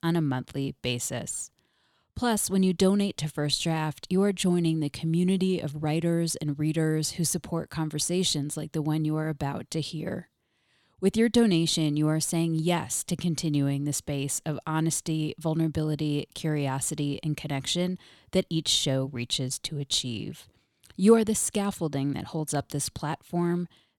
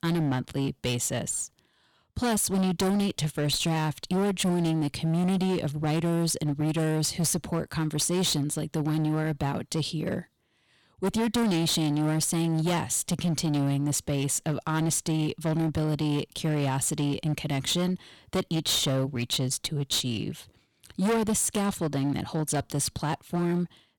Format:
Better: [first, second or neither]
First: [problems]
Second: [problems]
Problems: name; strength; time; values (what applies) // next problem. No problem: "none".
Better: first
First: none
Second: distortion; heavy; 18% of the sound clipped